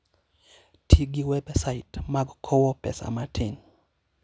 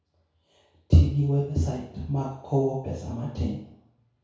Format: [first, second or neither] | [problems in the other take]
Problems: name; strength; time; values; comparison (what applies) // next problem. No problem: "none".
first | room echo; dies away in 0.6 s